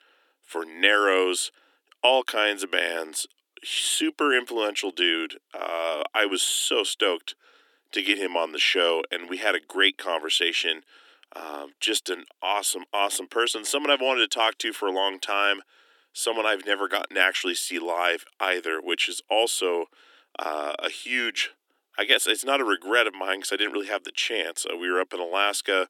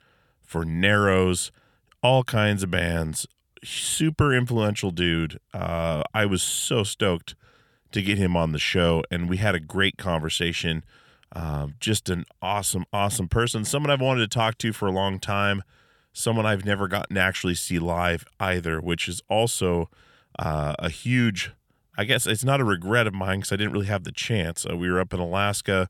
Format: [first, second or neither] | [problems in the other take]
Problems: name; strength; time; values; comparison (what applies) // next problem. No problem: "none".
second | thin; very; fading below 300 Hz